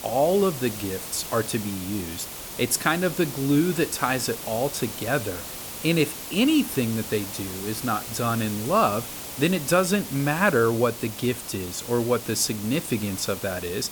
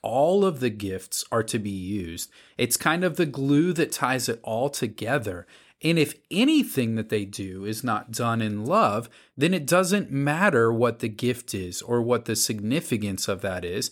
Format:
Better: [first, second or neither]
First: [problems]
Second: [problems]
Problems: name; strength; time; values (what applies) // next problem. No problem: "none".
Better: second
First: hiss; loud; throughout; 9 dB below the speech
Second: none